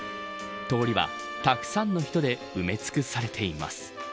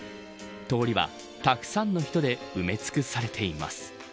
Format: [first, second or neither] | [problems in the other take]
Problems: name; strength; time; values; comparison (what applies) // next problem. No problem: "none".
second | background sound (Trumpet); 11 dB below the speech